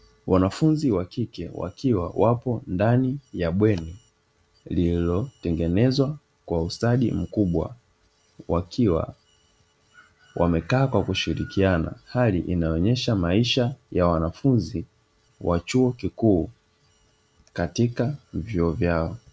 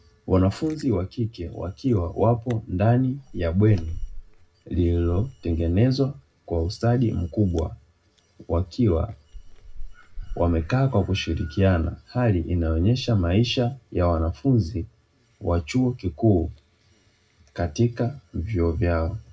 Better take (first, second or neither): first